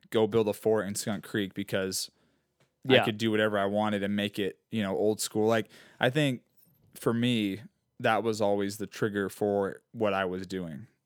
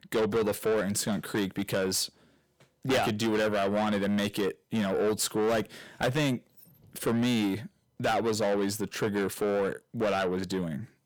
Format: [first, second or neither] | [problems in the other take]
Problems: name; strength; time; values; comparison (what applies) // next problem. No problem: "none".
first | distortion; heavy; 7 dB below the speech